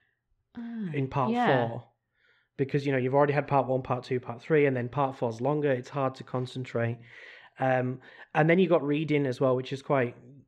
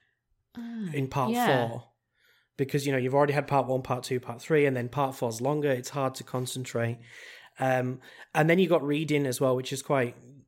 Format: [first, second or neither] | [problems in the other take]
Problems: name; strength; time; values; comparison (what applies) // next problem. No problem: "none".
second | muffled; slightly; fading above 3 kHz